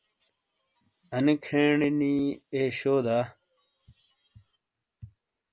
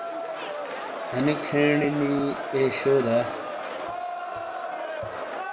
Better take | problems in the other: first | background sound (Crowd); 5 dB below the speech // room echo; dies away in 0.5 s

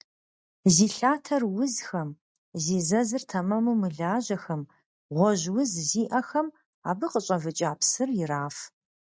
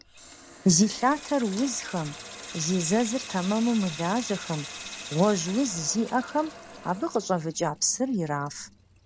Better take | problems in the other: first | background sound (Sink (filling or washing) / Water tap, faucet); 14 dB below the speech

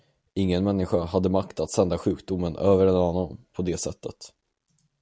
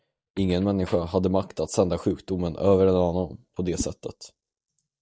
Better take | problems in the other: first | noise reduction (neural mask model DeepFilterNet 3)

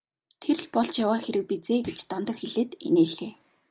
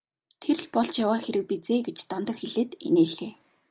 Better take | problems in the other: second | background sound (Thump, thud); 20 dB below the speech

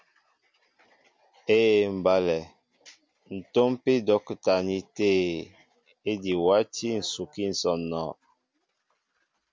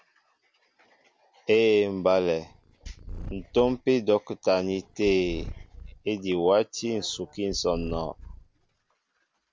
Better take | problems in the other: first | background sound (Purr); 14 dB below the speech

